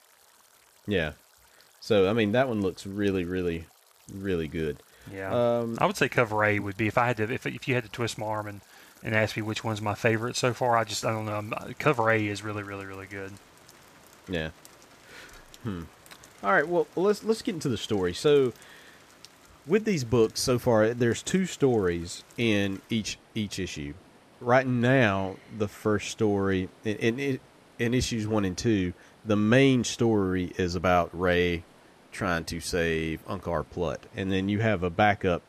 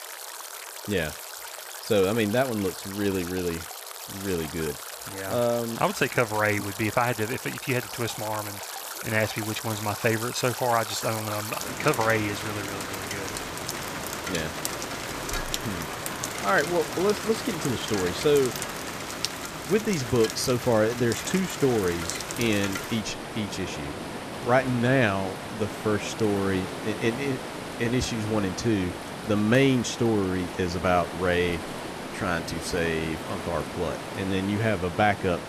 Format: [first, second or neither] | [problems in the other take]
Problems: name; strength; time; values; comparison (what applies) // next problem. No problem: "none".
first | rain or running water; loud; throughout; 7 dB below the speech; faint in the first